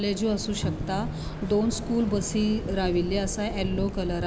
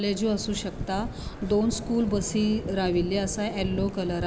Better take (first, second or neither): second